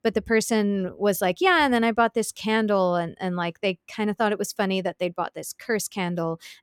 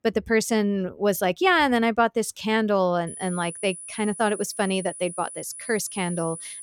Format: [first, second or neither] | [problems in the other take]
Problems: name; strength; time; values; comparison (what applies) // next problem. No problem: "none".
first | high-pitched whine; noticeable; from 3 s on; 10 kHz, 10 dB below the speech